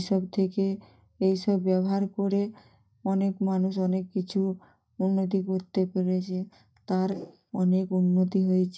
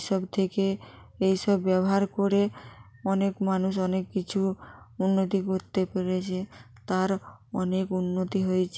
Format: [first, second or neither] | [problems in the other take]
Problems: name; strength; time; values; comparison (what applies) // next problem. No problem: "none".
second | noise reduction (neural mask model DeepFilterNet 3)